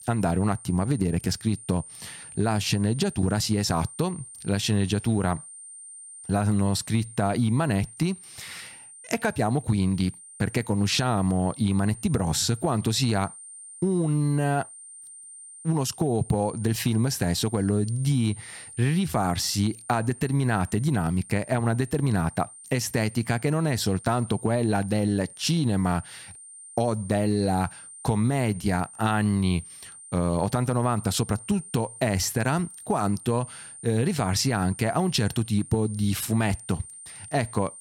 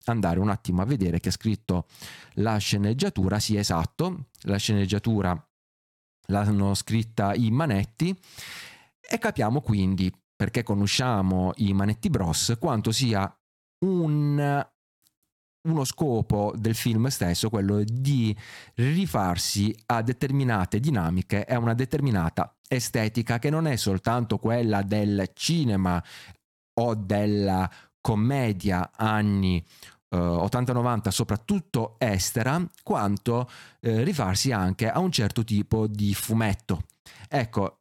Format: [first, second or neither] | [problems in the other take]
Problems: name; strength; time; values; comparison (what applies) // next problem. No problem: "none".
second | high-pitched whine; noticeable; throughout; 9 kHz, 15 dB below the speech